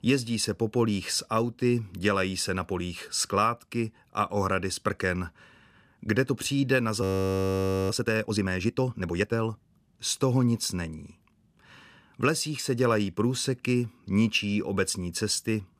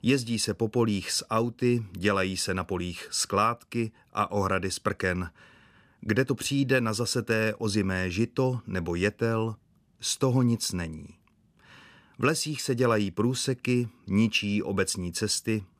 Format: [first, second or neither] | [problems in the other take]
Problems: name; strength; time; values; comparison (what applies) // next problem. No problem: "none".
second | audio freezing; at 7 s for 1 s